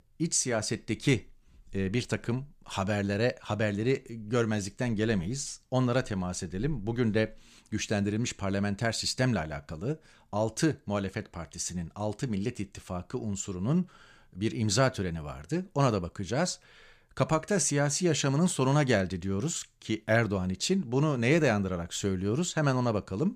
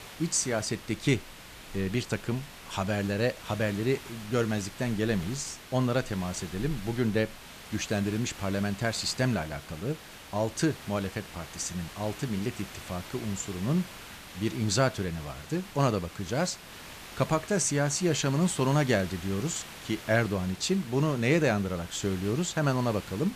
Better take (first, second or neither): first